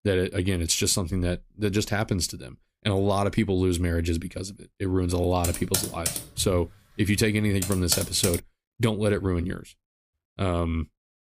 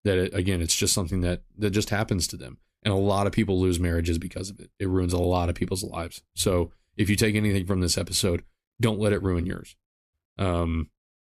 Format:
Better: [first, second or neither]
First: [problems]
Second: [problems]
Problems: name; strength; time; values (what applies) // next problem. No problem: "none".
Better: second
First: keyboard typing; noticeable; from 5.5 to 8.5 s; peak 1 dB below the speech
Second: none